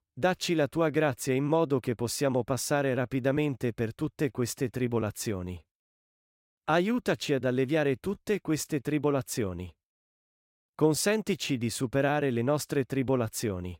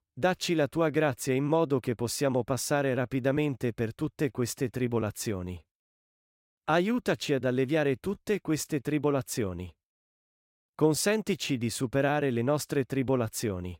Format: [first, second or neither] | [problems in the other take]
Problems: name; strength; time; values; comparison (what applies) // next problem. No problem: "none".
neither | none